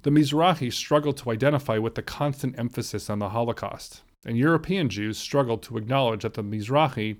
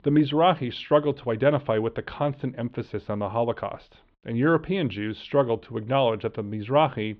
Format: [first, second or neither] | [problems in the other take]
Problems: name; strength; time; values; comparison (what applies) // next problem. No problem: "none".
first | muffled; very; fading above 3.5 kHz